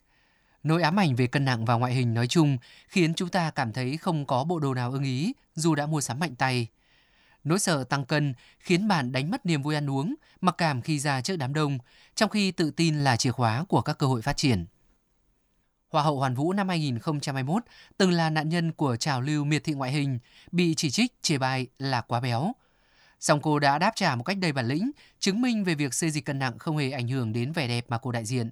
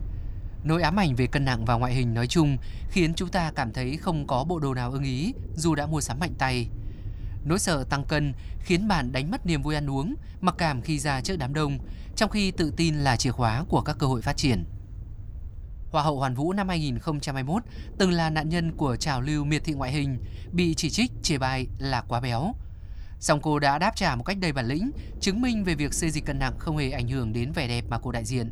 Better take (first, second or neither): first